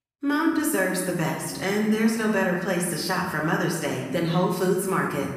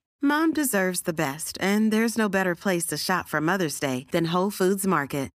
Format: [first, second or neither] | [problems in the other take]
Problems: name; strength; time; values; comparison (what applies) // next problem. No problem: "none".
second | room echo; noticeable; dies away in 1.2 s // off-mic speech; far